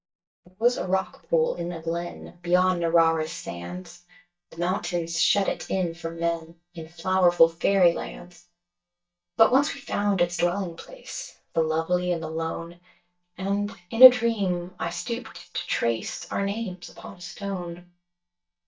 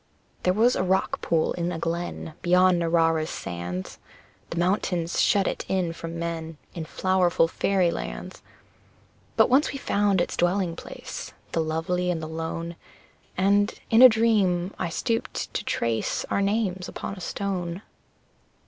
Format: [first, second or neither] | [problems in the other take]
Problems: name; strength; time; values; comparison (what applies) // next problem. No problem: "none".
second | noise reduction (neural mask model DeepFilterNet 3)